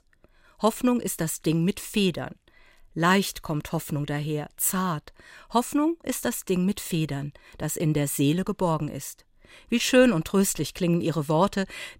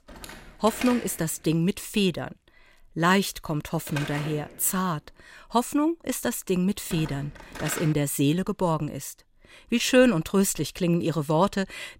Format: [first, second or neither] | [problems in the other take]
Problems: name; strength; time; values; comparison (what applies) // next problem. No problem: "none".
first | door banging; noticeable; until 8 s; peak 9 dB below the speech